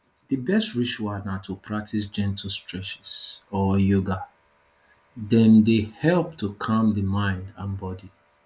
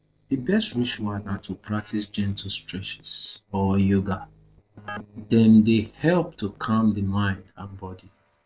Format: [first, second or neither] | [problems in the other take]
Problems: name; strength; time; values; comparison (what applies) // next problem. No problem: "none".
first | noise reduction (neural separator model SepFormer DNS4)